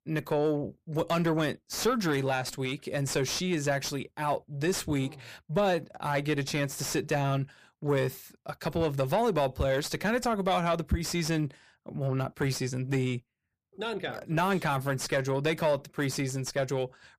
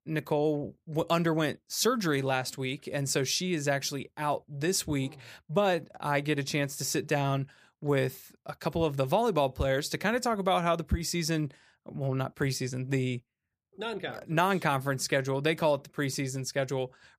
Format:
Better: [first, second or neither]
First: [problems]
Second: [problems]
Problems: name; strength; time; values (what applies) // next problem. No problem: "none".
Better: second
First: distortion; slight; 10 dB below the speech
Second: none